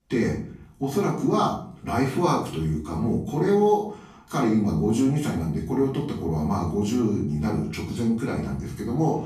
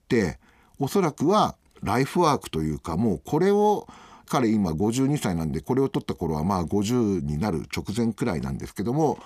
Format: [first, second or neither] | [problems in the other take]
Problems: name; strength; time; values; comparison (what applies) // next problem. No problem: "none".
second | off-mic speech; far // room echo; noticeable; dies away in 0.5 s